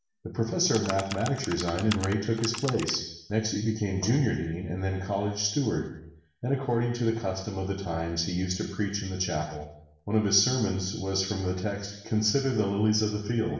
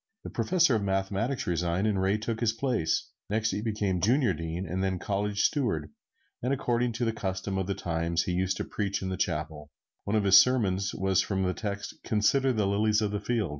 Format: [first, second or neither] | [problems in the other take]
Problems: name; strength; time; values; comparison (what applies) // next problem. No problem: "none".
second | background sound (Computer keyboard); 10 dB below the speech // room echo; dies away in 0.9 s